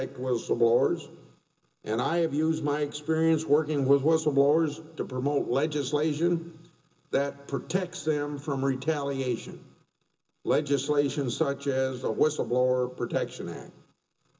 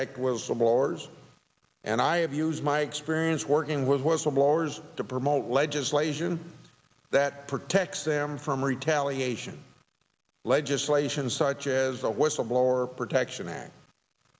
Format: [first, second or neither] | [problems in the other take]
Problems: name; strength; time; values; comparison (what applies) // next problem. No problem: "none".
second | room echo; dies away in 0.2 s